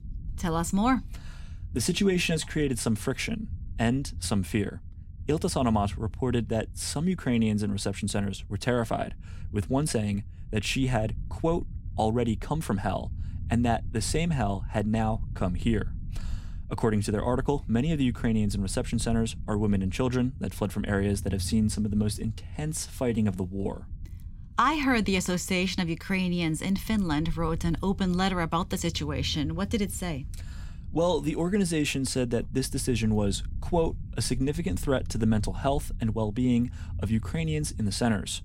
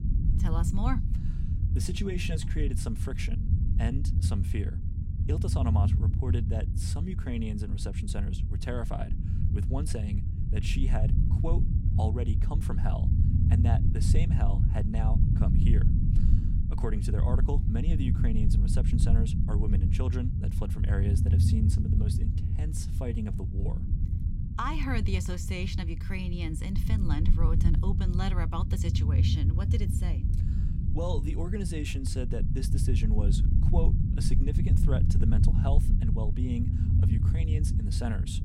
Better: first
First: low rumble; faint; throughout; 25 dB below the speech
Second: low rumble; loud; throughout; 3 dB below the speech

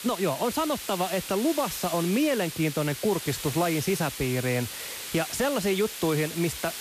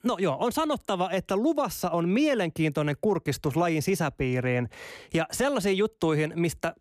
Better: second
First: hiss; loud; throughout; 7 dB below the speech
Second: none

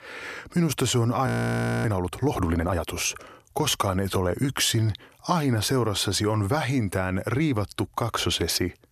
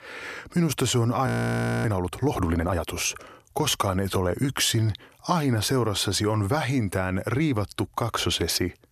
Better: neither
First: audio freezing; at 1.5 s for 0.5 s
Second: audio freezing; at 1.5 s for 0.5 s

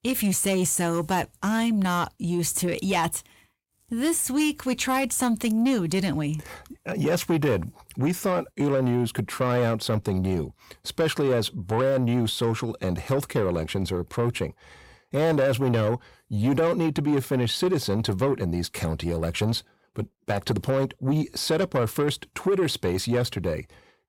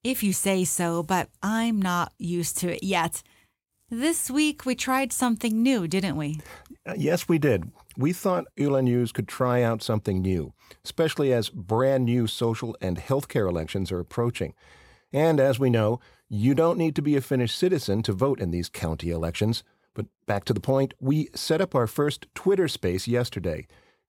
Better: second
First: distortion; slight; 10 dB below the speech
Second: none

